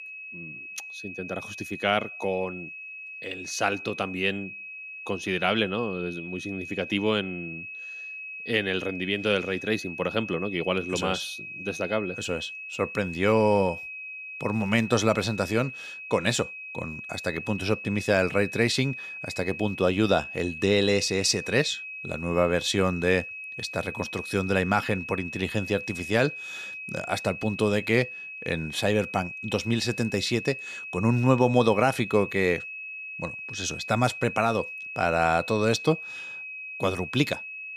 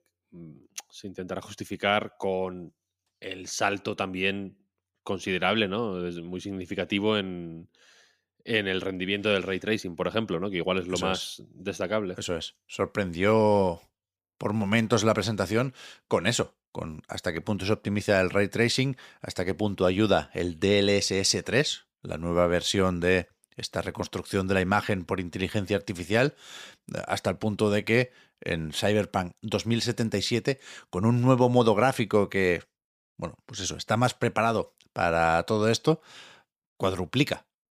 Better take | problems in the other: second | high-pitched whine; loud; throughout; 2.5 kHz, 9 dB below the speech

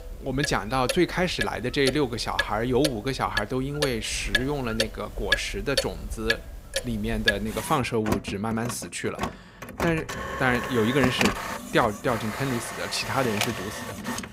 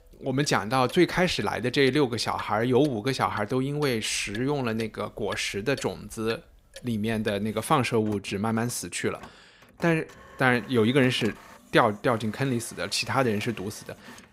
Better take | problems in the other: second | household noises; loud; throughout; 3 dB below the speech; faint in the second

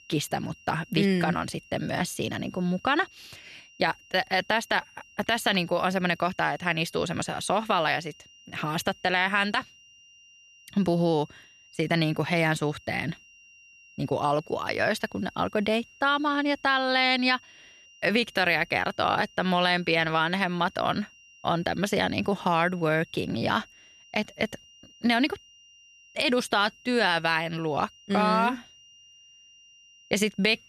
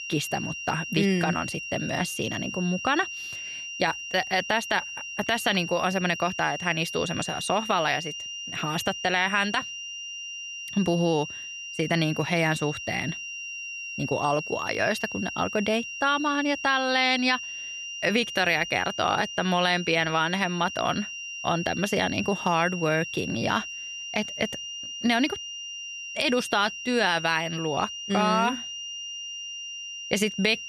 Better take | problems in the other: first | high-pitched whine; loud; throughout; 3 kHz, 8 dB below the speech; faint in the first

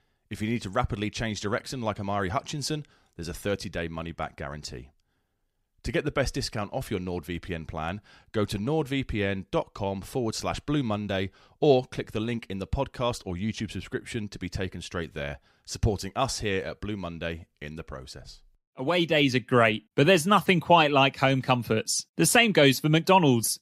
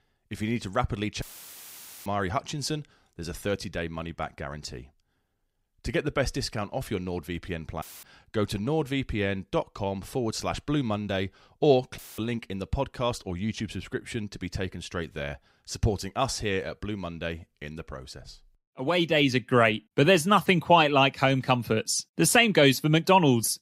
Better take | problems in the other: first | audio cutting out; filled with static; at 1 s for 1 s, at 8 s and at 12 s

